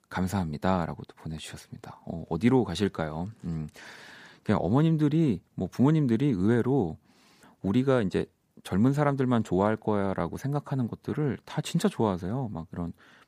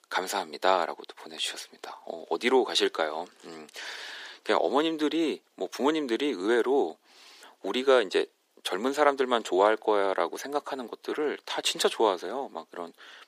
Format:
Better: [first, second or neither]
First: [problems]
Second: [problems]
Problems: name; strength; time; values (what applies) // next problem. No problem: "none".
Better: first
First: none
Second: thin; very; fading below 350 Hz